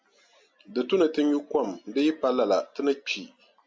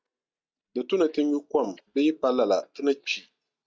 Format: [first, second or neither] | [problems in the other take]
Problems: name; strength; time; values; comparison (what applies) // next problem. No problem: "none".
first | noise reduction (neural mask model DeepFilterNet 3)